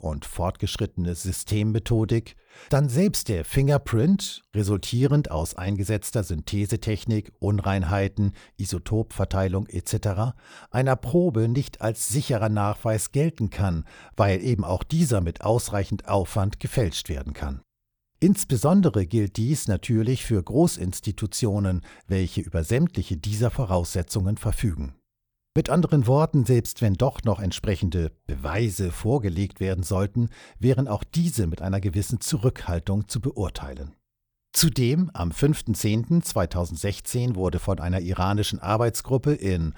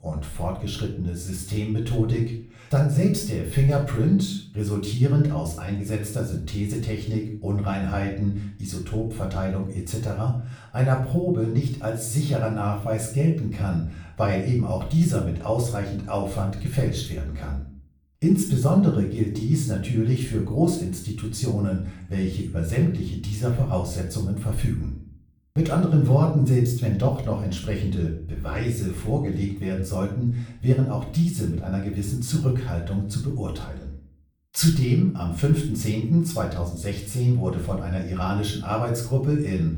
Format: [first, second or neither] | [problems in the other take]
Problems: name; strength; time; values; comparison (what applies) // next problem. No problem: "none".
first | off-mic speech; far // room echo; noticeable; dies away in 0.5 s